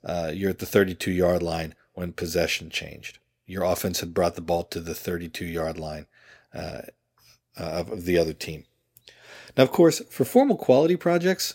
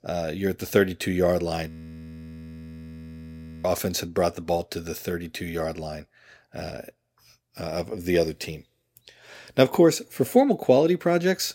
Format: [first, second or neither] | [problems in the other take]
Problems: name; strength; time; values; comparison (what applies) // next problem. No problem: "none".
first | audio freezing; at 1.5 s for 2 s